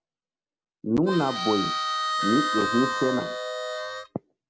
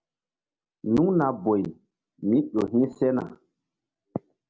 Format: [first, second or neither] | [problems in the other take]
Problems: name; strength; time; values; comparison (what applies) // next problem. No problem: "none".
second | background sound (Harmonica); 1 dB below the speech